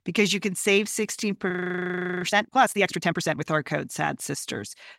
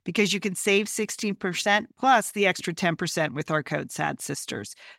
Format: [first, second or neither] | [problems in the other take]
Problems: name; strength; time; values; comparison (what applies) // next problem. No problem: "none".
second | audio freezing; at 1.5 s for 0.5 s